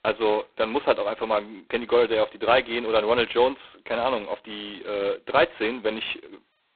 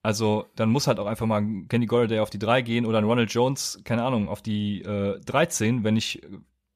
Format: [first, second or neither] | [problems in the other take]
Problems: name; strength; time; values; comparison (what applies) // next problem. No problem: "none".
second | phone-call audio; poor line; nothing above 4 kHz